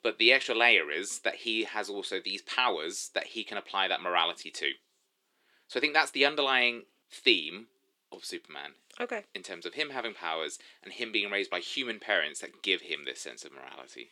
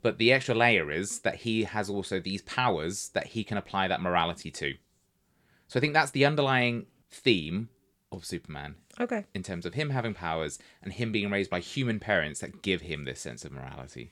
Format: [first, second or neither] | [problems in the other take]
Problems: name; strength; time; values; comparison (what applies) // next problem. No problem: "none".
second | thin; somewhat; fading below 300 Hz